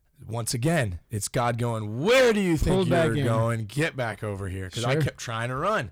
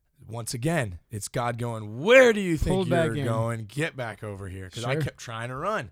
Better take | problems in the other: second | distortion; heavy; 7 dB below the speech

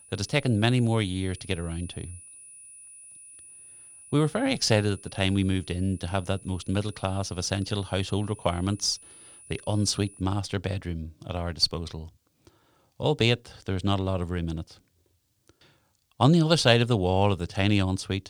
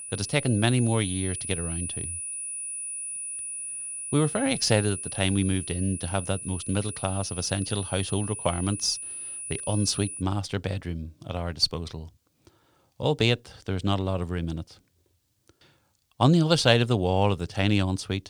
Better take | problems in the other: first | high-pitched whine; loud; until 10 s; 10 kHz, 7 dB below the speech; faint in the first

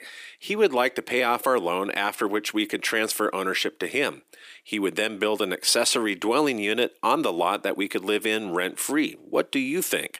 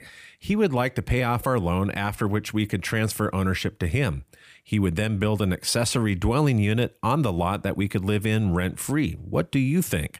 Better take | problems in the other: second | thin; somewhat; fading below 300 Hz

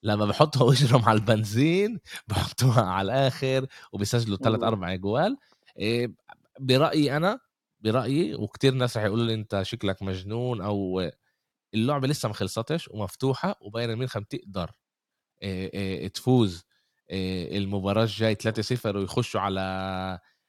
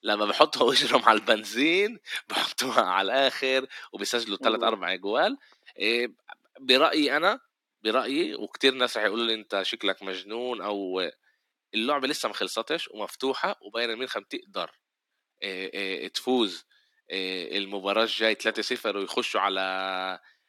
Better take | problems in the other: first | thin; somewhat; fading below 250 Hz

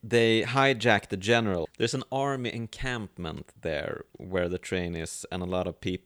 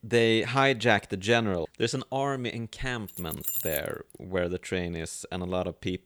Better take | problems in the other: first | jangling keys; noticeable; at 3 s; peak level with the speech

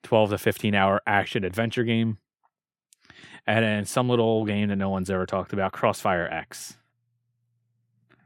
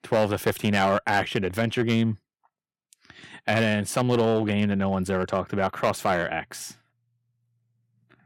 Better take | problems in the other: first | distortion; slight; 3% of the sound clipped

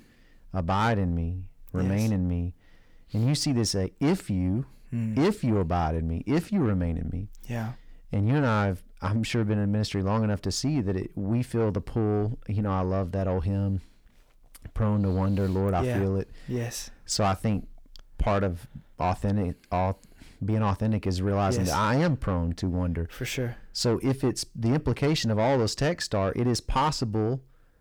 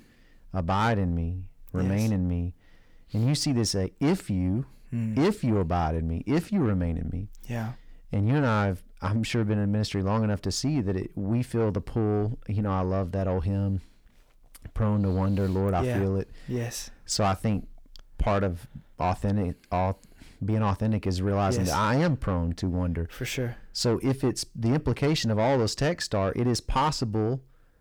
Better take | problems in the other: neither | distortion; slight; 10 dB below the speech; the same in both

